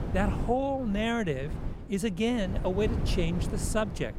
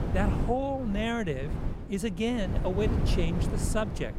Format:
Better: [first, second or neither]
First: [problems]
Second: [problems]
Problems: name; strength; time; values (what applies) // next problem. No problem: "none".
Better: first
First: wind noise on the microphone; occasional gusts; 10 dB below the speech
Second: wind noise on the microphone; heavy; 8 dB below the speech